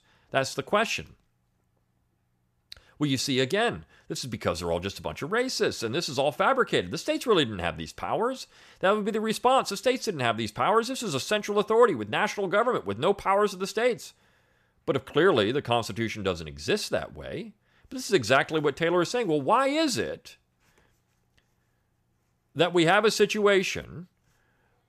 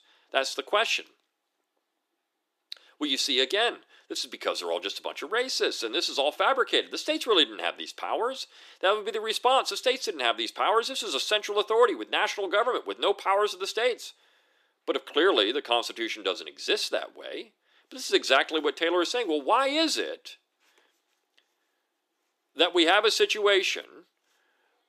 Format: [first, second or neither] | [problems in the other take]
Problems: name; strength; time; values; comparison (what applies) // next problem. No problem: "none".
first | thin; somewhat; fading below 300 Hz